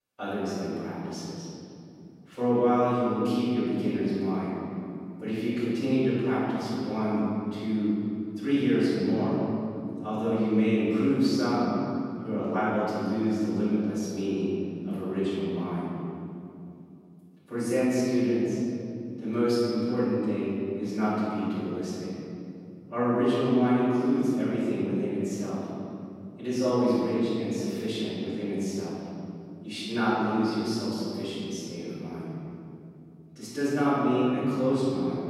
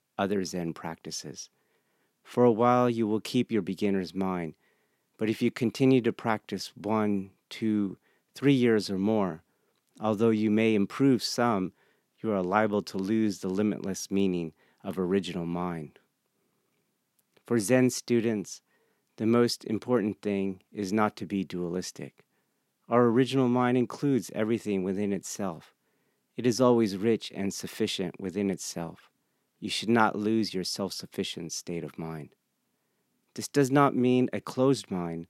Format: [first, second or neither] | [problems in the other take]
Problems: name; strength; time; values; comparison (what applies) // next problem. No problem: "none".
second | off-mic speech; far // room echo; strong; dies away in 2.9 s